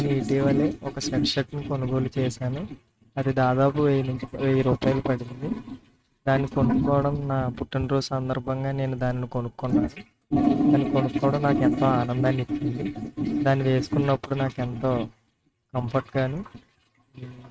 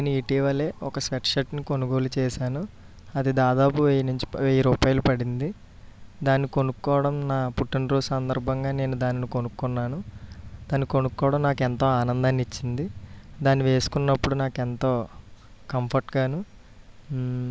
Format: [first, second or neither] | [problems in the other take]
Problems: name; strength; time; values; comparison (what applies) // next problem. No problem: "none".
second | noise reduction (neural mask model RNNoise)